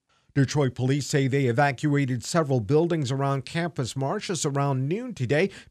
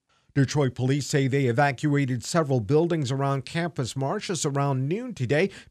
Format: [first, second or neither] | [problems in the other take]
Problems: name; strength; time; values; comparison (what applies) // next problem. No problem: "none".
neither | none